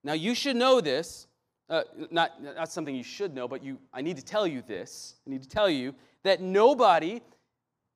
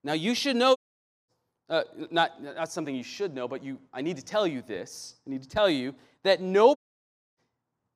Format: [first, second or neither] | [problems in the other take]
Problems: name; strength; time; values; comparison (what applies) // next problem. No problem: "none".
first | audio cutting out; at 1 s for 0.5 s and at 7 s for 0.5 s